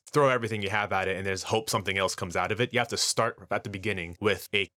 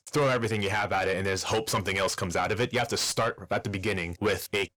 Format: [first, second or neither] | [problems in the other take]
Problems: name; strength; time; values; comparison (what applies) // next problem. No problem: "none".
first | distortion; heavy; 7 dB below the speech